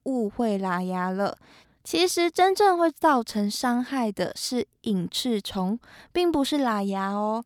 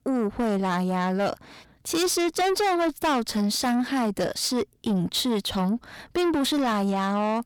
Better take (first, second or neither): first